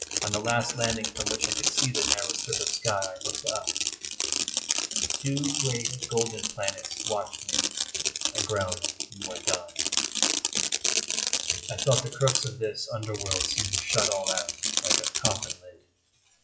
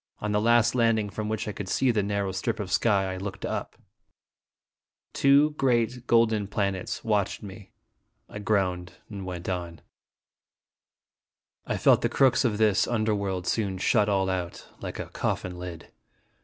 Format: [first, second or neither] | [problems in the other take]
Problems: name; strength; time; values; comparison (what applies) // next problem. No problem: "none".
second | noise reduction (classical method WPE with log-MMSE)